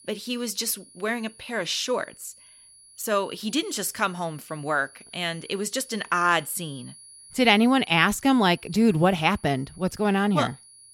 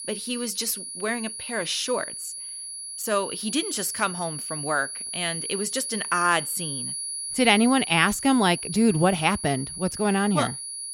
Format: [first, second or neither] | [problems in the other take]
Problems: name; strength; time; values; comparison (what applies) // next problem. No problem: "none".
first | high-pitched whine; loud; throughout; 10.5 kHz, 7 dB below the speech; faint in the first